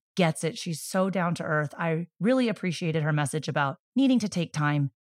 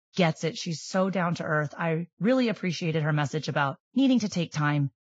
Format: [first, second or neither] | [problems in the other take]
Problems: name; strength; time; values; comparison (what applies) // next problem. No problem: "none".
first | garbled, watery; badly